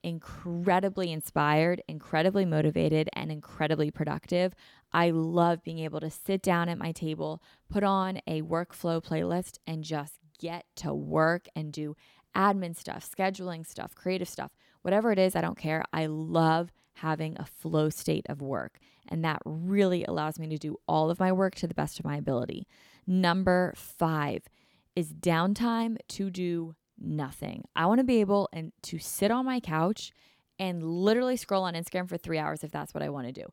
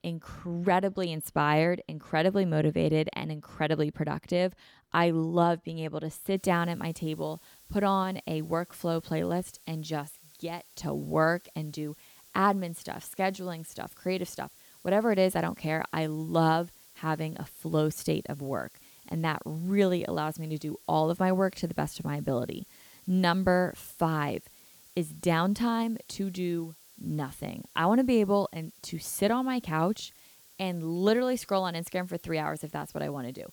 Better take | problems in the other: first | hiss; faint; from 6.5 s on; 25 dB below the speech

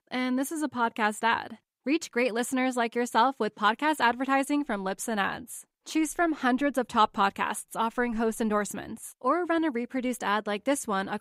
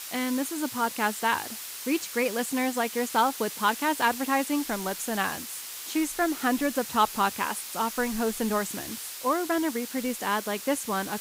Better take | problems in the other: first | hiss; loud; throughout; 8 dB below the speech

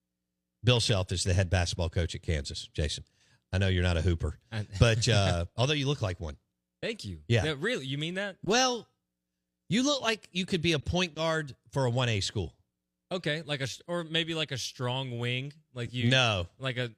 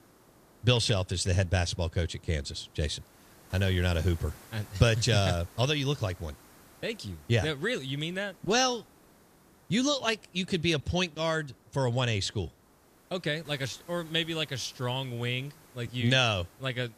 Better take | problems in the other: first | hiss; faint; throughout; 25 dB below the speech

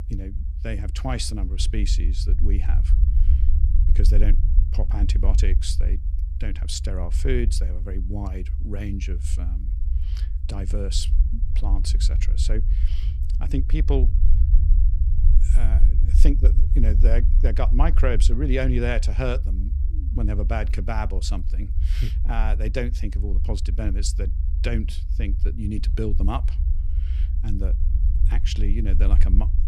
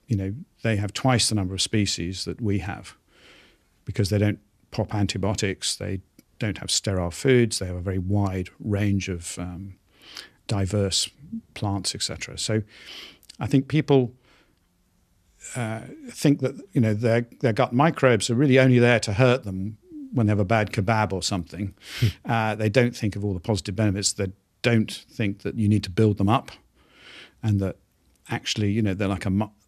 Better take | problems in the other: second | low rumble; noticeable; throughout; 10 dB below the speech

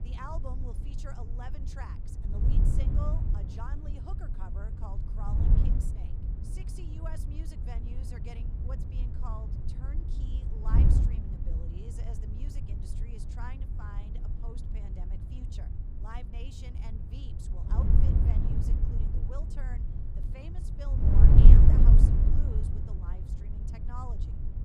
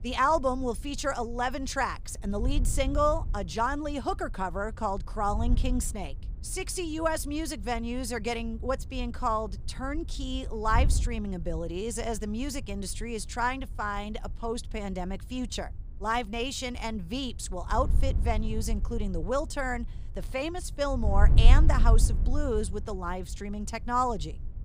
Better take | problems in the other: second | wind noise on the microphone; heavy; 4 dB above the speech; occasional gusts in the second

